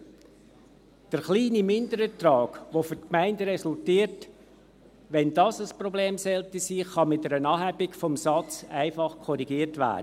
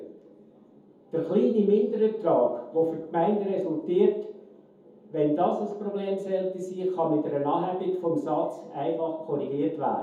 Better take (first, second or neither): first